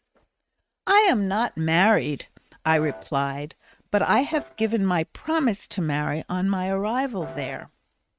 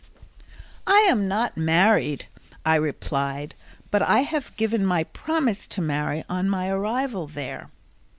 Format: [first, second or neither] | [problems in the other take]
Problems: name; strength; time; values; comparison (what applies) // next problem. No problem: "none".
second | noise reduction (neural mask model RNNoise)